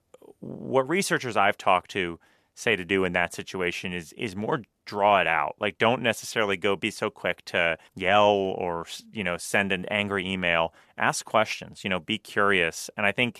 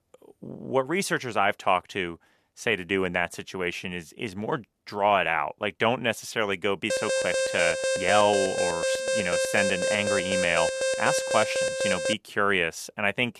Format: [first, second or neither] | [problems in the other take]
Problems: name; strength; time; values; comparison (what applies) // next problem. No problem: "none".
first | alarm; loud; from 7 to 12 s; peak 1 dB above the speech